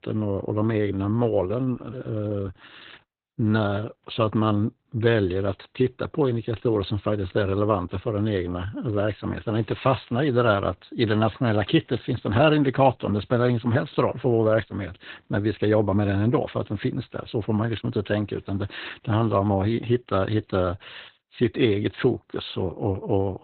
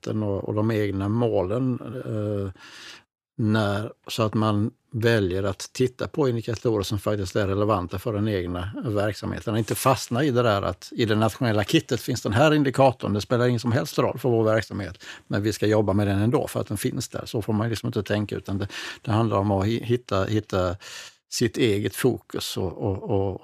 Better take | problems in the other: second | garbled, watery; badly; nothing above 4 kHz

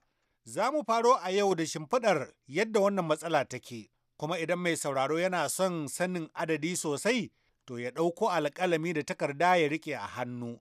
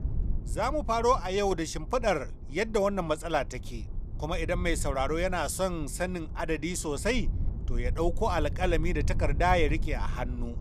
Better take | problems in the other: first | low rumble; faint; throughout; 20 dB below the speech

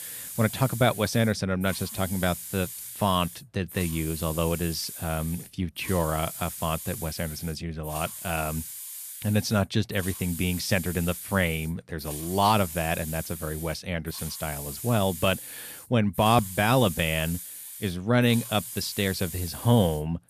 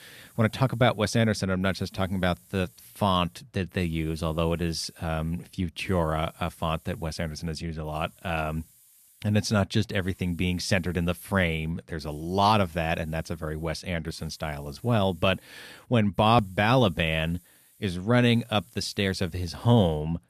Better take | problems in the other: second | hiss; loud; throughout; 10 dB below the speech; faint in the second

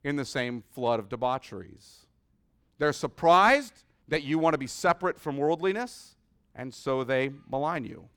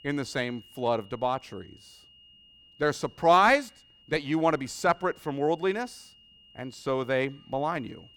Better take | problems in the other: first | high-pitched whine; faint; throughout; 3 kHz, 25 dB below the speech

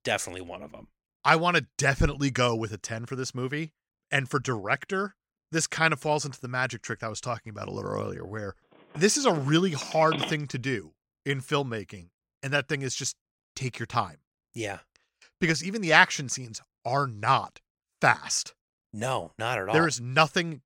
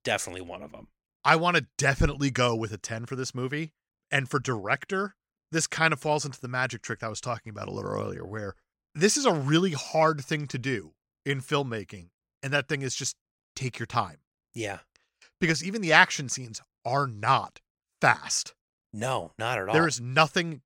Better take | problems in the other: second | phone ringing; noticeable; from 9 to 10 s; peak 5 dB below the speech

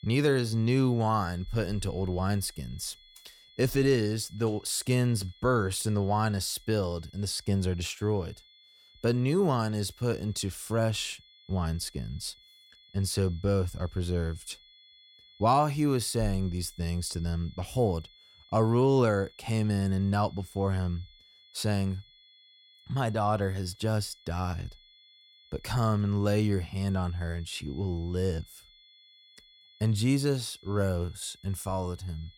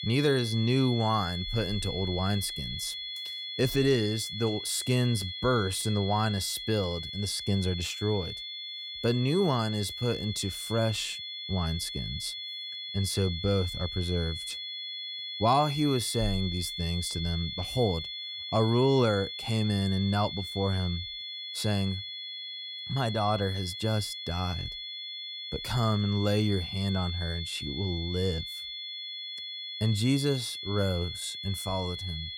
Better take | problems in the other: first | high-pitched whine; loud; throughout; 3.5 kHz, 6 dB below the speech; faint in the first

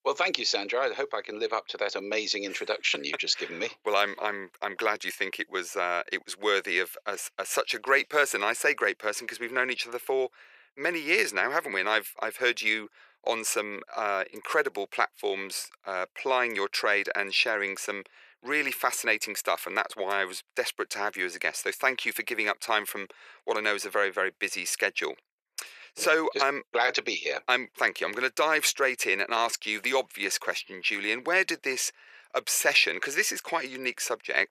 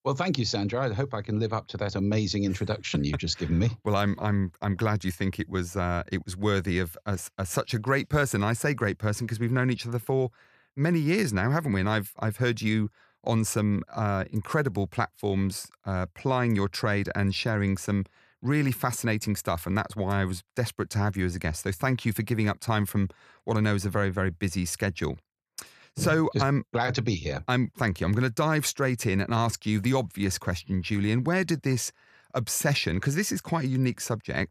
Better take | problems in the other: second | thin; very; fading below 400 Hz

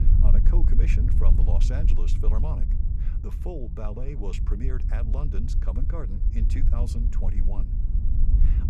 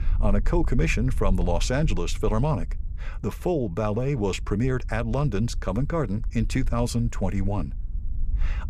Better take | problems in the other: second | wind noise on the microphone; heavy; 4 dB below the speech; occasional gusts in the second

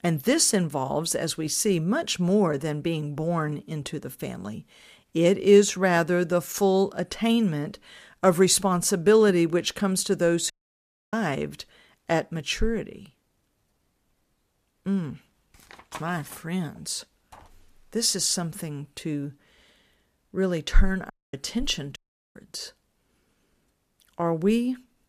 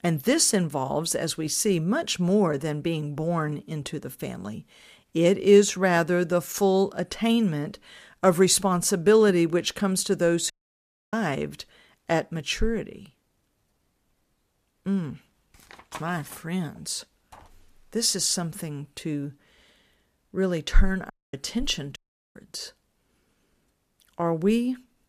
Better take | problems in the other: neither | audio cutting out; at 11 s for 0.5 s, at 21 s and at 22 s; the same in both

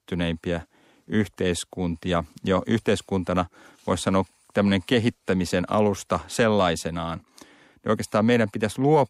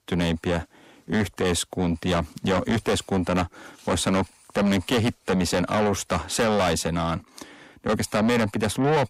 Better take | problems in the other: first | distortion; heavy; 7 dB below the speech

